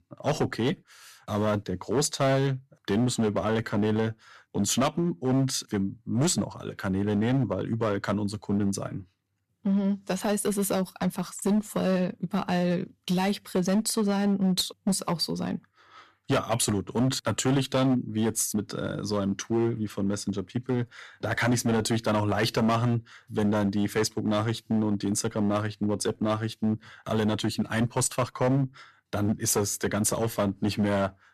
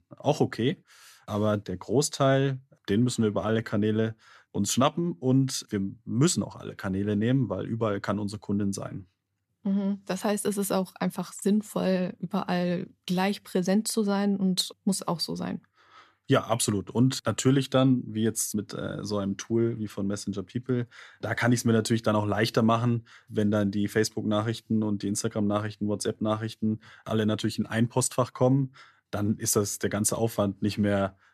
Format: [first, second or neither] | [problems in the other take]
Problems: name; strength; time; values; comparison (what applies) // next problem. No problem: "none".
second | distortion; slight; 9% of the sound clipped